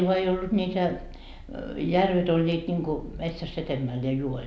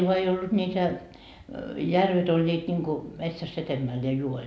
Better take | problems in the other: second | background sound (Engine / Car); 17 dB below the speech

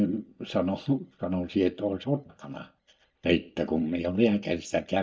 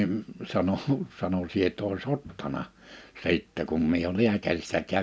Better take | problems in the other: second | noise reduction (neural mask model DeepFilterNet 3)

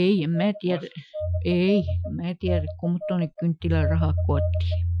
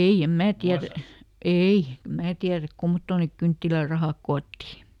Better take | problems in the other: second | noise reduction (classical method Wiener filter)

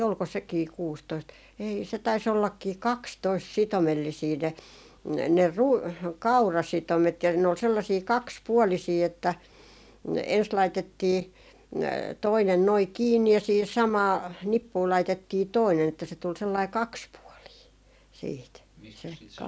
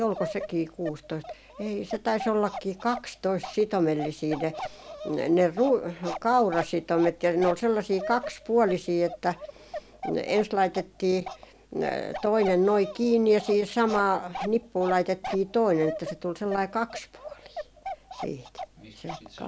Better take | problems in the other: first | background sound (Bark); 13 dB below the speech

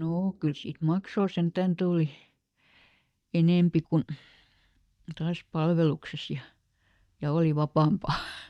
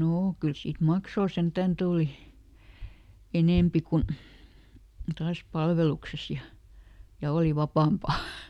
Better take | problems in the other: second | noise reduction (neural mask model DeepFilterNet 3)

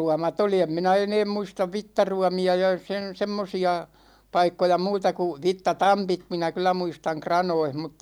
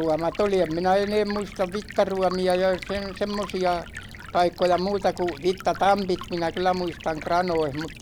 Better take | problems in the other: first | background sound (Stream); 15 dB below the speech

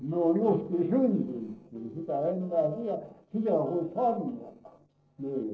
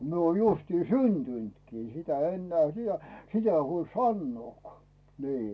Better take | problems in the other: second | noise reduction (neural separator model SepFormer DNS4)

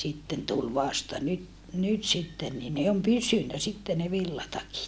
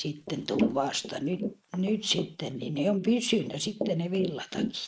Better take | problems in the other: first | noise reduction (neural mask model Resemble Enhance denoiser)

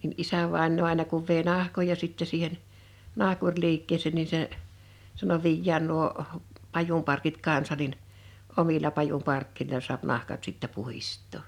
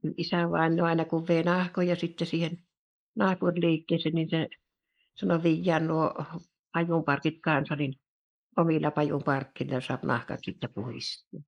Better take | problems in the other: first | noise reduction (neural mask model Resemble Enhance denoiser)

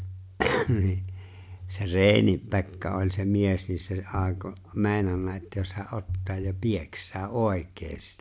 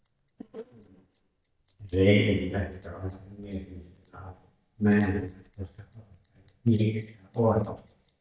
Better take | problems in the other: first | noise reduction (neural mask model DeepFilterNet 3)

